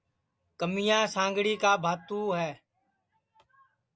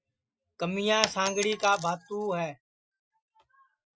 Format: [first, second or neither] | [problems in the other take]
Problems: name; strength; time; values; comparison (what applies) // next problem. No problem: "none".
first | noise reduction (classical method Wiener filter)